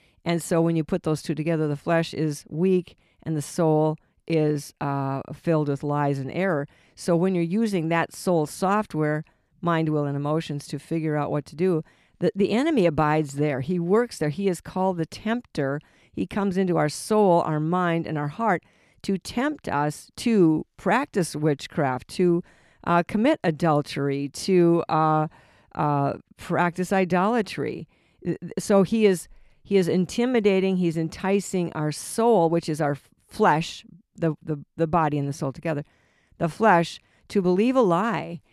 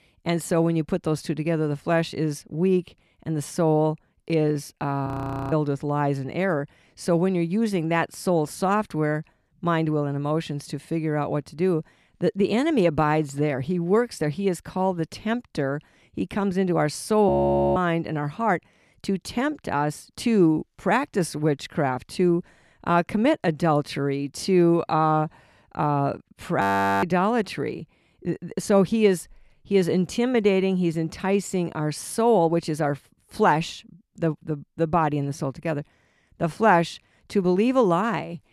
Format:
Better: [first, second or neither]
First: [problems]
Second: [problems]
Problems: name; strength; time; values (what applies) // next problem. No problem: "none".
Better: first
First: none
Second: audio freezing; at 5 s, at 17 s and at 27 s